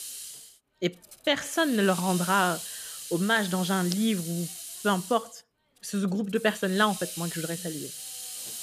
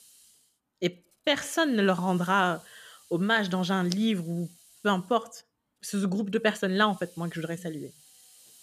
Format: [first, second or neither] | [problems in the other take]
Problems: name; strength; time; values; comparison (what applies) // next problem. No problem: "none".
second | hiss; loud; throughout; 9 dB below the speech; faint in the second